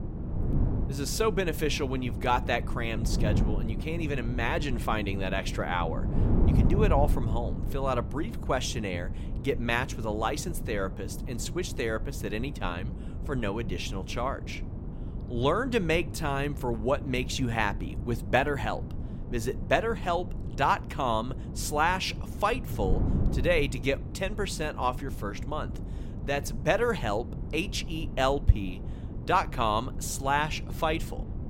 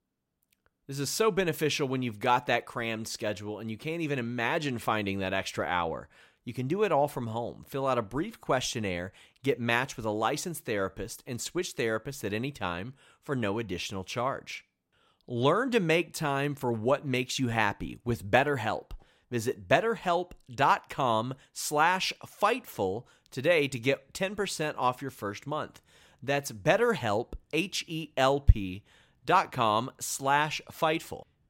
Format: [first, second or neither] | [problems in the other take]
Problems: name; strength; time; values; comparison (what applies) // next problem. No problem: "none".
second | wind noise on the microphone; occasional gusts; 15 dB below the speech